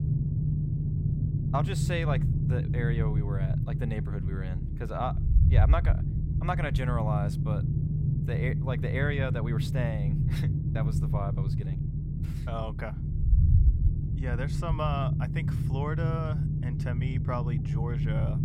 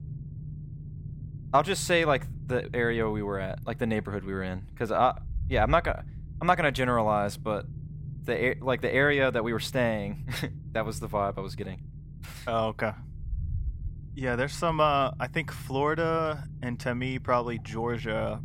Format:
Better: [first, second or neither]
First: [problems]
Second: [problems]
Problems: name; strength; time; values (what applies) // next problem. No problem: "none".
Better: second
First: low rumble; loud; throughout; 4 dB below the speech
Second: low rumble; faint; throughout; 25 dB below the speech